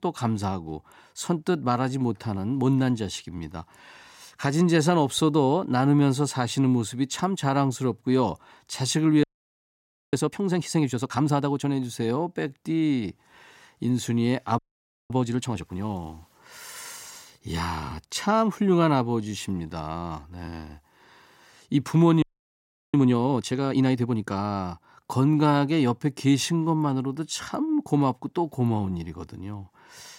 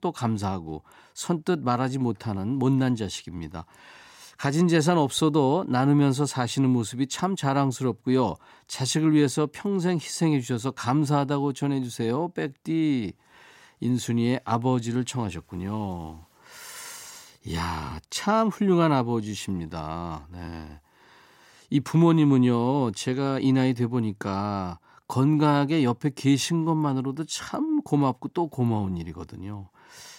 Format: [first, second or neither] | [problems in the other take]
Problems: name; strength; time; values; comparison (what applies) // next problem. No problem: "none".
second | audio freezing; at 9 s for 1 s, at 15 s for 0.5 s and at 22 s for 0.5 s